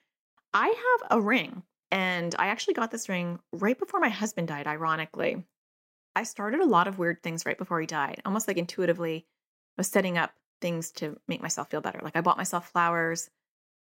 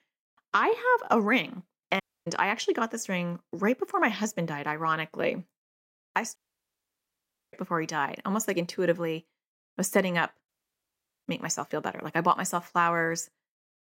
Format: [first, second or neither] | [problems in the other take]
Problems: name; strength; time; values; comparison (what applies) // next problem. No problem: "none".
first | audio cutting out; at 2 s, at 6.5 s for 1 s and at 10 s for 1 s